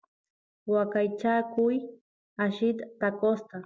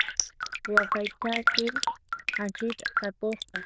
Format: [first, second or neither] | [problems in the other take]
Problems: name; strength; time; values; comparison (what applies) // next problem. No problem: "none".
first | noise reduction (neural diffusion model UNIVERSE++)